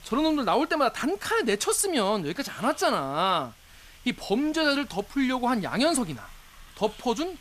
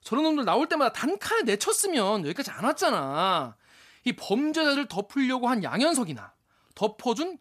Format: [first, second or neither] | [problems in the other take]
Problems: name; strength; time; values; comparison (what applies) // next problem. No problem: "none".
second | hiss; faint; throughout; 25 dB below the speech